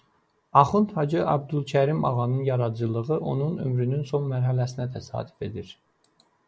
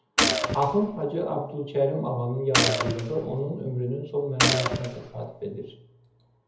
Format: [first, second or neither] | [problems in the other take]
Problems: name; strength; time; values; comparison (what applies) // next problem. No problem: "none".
first | background sound (Gunshot, gunfire); 1 dB above the speech // room echo; dies away in 0.7 s